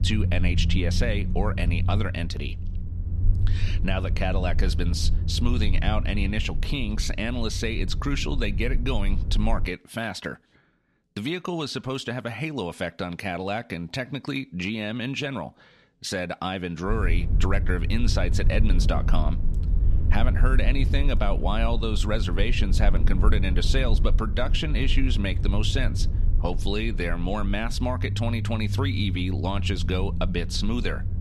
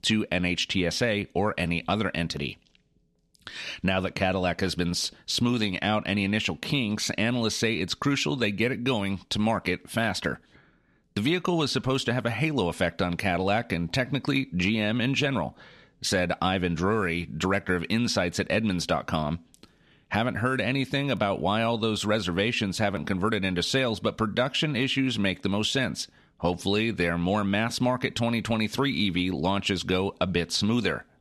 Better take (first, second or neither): second